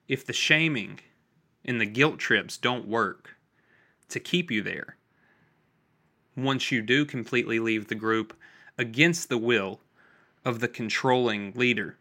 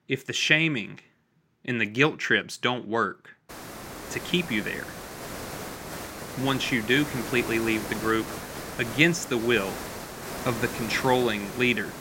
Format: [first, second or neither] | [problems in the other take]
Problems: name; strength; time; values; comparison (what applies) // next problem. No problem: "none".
first | hiss; noticeable; from 3.5 s on; 10 dB below the speech